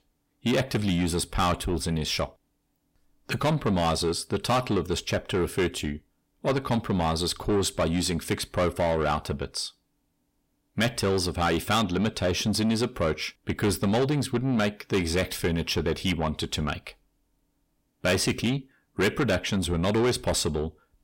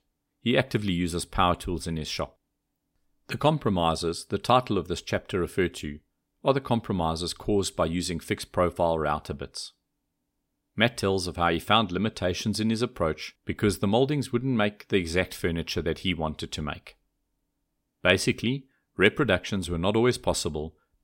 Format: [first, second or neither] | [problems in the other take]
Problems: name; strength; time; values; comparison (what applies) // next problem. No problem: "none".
second | distortion; heavy; 7 dB below the speech